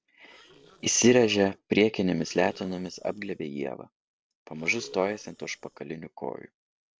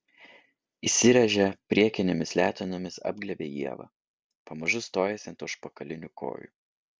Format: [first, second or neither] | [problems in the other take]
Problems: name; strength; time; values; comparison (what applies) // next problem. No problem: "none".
second | noise reduction (neural separator model SepFormer DNS4)